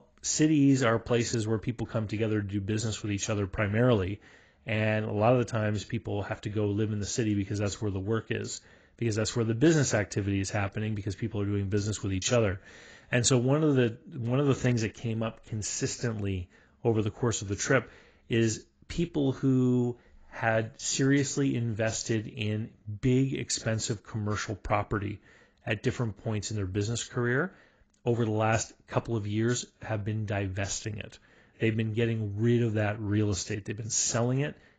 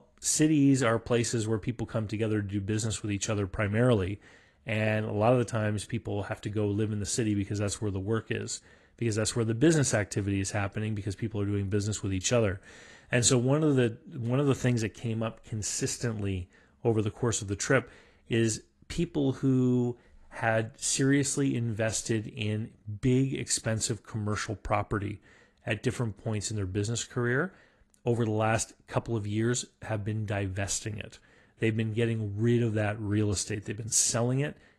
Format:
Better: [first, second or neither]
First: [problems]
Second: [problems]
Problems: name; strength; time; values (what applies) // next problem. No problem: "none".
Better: second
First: garbled, watery; badly; nothing above 7.5 kHz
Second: garbled, watery; slightly